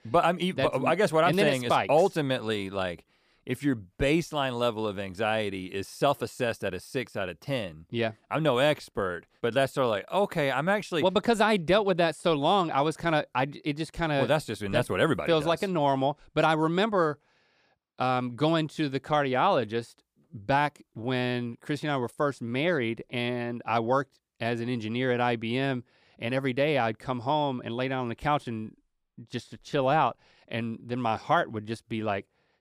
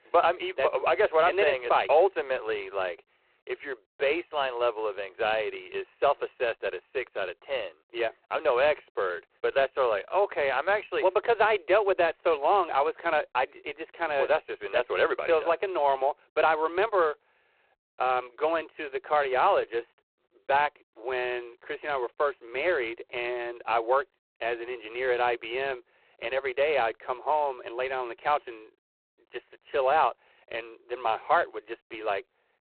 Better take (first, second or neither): first